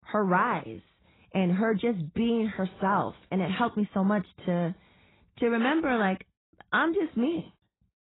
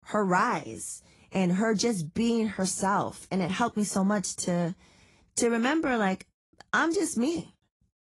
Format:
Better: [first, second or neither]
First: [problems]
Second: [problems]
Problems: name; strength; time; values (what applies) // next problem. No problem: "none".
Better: second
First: garbled, watery; badly; nothing above 4 kHz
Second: garbled, watery; slightly